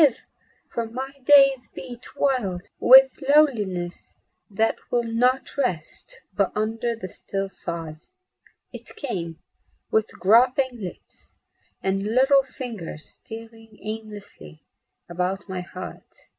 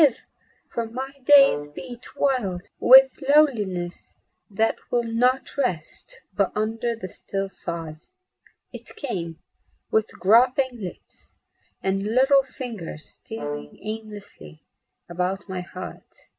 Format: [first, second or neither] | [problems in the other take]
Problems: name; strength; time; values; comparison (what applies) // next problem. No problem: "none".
first | background sound (Brass instrument); 12 dB below the speech